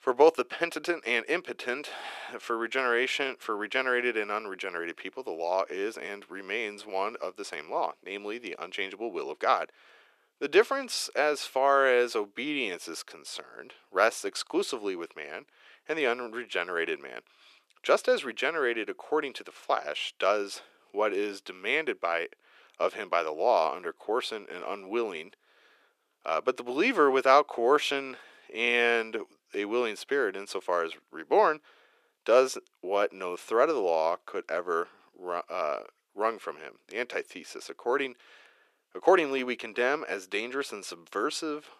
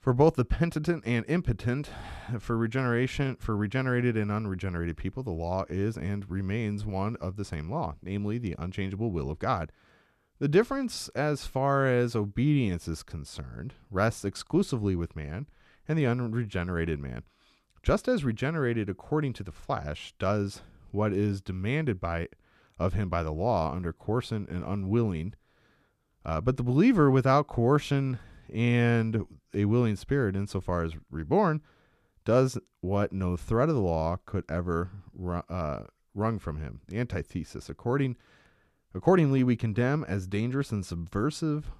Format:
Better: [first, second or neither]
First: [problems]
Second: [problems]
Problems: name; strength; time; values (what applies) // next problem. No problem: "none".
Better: second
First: thin; very; fading below 400 Hz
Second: none